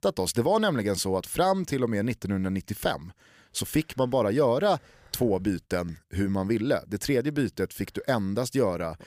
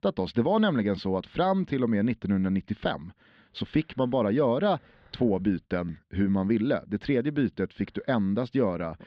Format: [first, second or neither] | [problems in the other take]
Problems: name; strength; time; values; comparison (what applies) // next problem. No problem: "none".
first | muffled; slightly; fading above 4 kHz